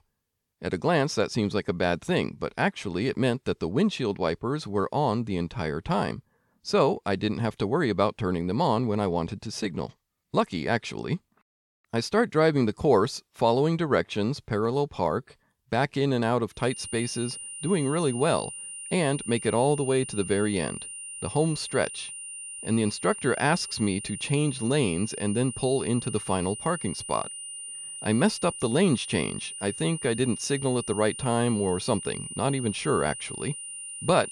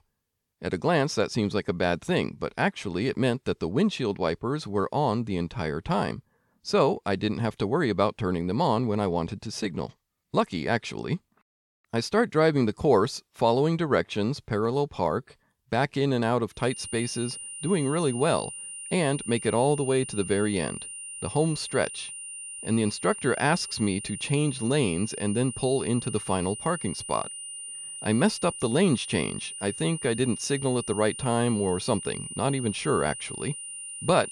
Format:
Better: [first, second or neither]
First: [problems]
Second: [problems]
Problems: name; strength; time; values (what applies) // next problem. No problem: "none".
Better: neither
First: high-pitched whine; loud; from 17 s on; 9.5 kHz, 9 dB below the speech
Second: high-pitched whine; loud; from 17 s on; 9.5 kHz, 9 dB below the speech